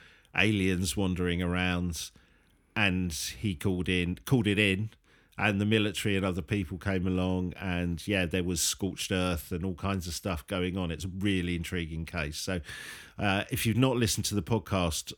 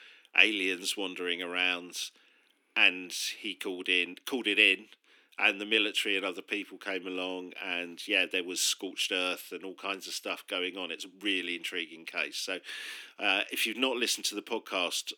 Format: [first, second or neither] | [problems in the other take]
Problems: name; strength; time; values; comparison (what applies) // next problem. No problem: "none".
first | thin; somewhat; fading below 300 Hz